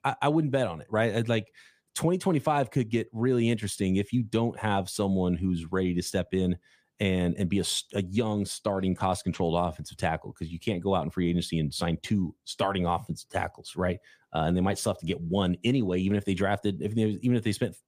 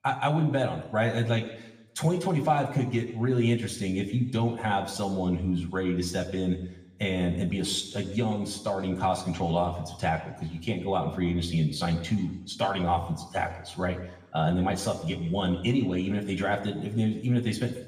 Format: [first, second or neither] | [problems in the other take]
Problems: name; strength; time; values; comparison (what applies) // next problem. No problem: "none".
first | room echo; slight; dies away in 0.9 s // off-mic speech; somewhat distant